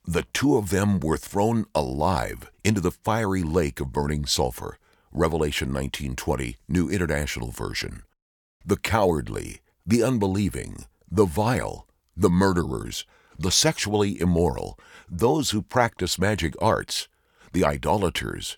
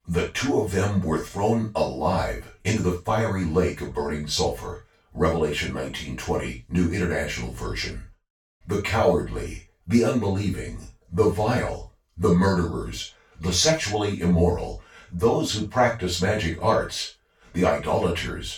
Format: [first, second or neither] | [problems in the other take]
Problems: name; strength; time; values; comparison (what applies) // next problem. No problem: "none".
first | room echo; noticeable; dies away in 0.2 s // off-mic speech; far